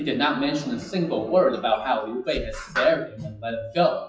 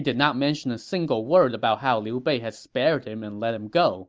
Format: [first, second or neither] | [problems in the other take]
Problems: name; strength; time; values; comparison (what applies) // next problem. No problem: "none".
second | noise reduction (classical method WPE with log-MMSE)